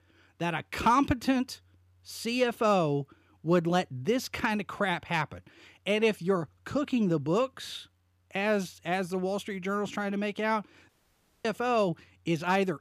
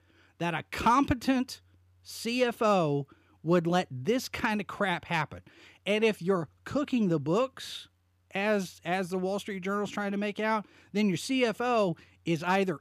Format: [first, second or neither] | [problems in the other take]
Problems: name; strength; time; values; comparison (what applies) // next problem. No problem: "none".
second | audio cutting out; at 11 s for 0.5 s